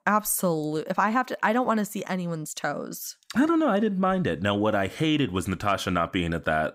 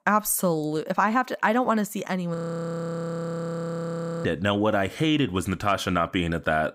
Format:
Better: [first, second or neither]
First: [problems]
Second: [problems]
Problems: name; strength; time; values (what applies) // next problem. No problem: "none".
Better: first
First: none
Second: audio freezing; at 2.5 s for 2 s